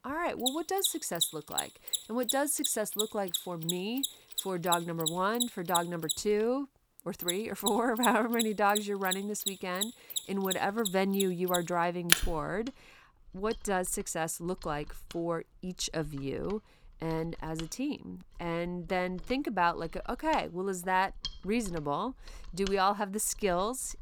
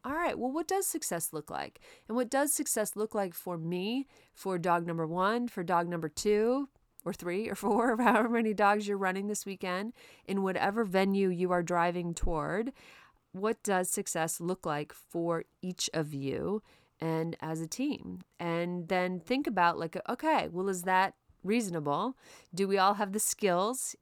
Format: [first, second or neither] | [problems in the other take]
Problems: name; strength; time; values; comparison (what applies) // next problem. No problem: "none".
second | machinery noise; loud; throughout; 2 dB below the speech